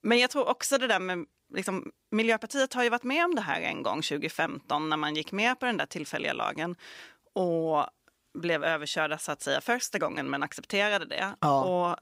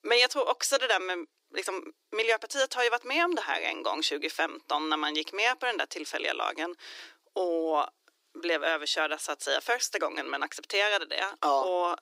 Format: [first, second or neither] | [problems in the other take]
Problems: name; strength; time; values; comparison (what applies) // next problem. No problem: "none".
first | thin; somewhat; fading below 300 Hz